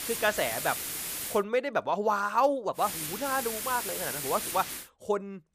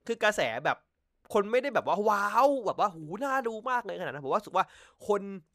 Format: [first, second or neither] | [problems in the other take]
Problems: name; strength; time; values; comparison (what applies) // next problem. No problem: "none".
second | hiss; loud; until 1.5 s and from 3 to 5 s; 4 dB below the speech